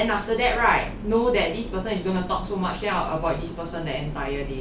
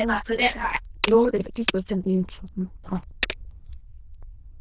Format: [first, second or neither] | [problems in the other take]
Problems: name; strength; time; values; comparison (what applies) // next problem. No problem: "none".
first | noise reduction (neural diffusion model UNIVERSE++)